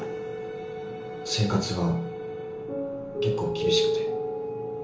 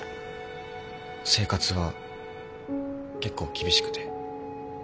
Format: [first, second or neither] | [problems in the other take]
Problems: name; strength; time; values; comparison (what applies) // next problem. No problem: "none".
second | room echo; dies away in 0.8 s